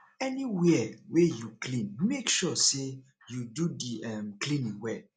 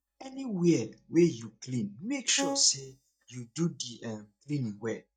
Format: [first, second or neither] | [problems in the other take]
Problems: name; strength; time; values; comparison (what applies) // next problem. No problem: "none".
first | noise reduction (neural mask model DeepFilterNet 3)